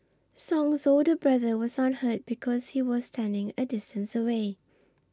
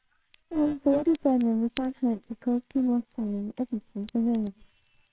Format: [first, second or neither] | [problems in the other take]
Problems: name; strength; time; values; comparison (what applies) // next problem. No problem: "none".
first | noise reduction (neural separator model SepFormer WHAMR!)